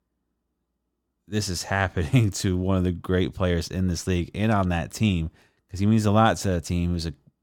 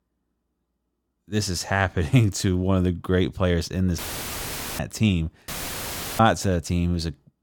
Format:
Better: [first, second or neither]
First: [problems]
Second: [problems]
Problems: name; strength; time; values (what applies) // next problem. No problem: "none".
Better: first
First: none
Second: audio cutting out; filled with static; at 4 s for 1 s and at 5.5 s for 0.5 s